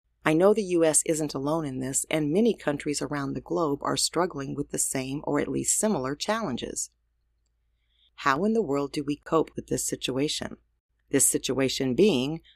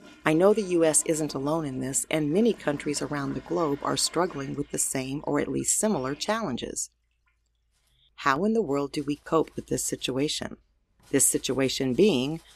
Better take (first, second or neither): first